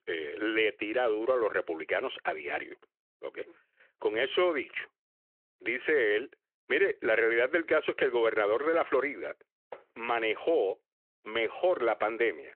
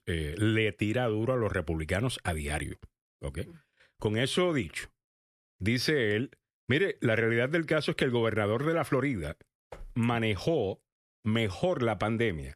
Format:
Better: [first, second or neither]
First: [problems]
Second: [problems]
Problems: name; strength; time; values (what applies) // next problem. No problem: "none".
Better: second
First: phone-call audio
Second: none